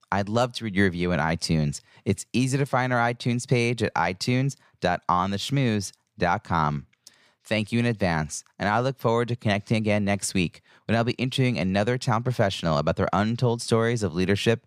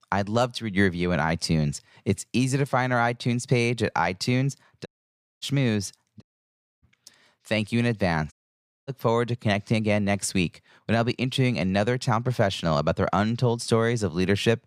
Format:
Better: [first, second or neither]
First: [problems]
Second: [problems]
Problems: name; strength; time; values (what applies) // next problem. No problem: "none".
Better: first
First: none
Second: audio cutting out; at 5 s for 0.5 s, at 6 s for 0.5 s and at 8.5 s for 0.5 s